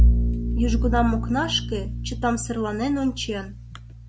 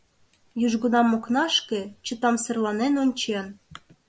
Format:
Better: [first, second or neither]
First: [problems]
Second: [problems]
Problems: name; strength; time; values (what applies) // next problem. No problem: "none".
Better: second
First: background sound (Bowed string instrument); 2 dB above the speech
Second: none